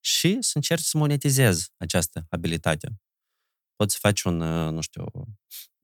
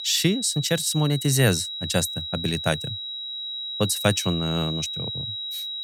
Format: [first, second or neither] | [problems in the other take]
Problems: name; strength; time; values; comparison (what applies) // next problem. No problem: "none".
first | high-pitched whine; loud; throughout; 4 kHz, 6 dB below the speech